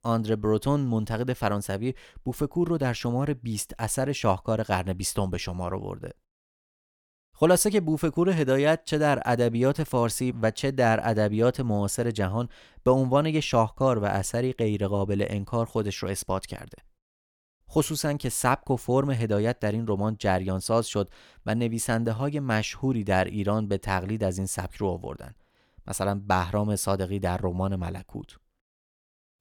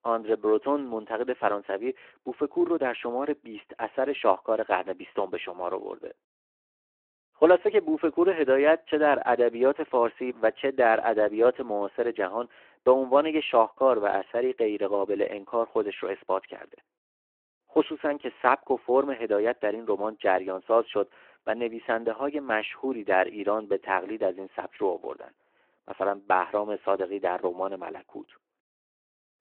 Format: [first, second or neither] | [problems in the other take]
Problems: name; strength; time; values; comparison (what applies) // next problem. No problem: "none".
first | phone-call audio